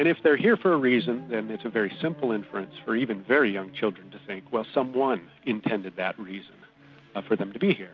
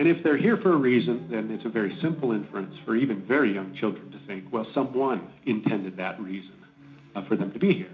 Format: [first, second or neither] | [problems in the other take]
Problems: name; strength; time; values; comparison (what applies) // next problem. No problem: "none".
first | room echo; dies away in 0.4 s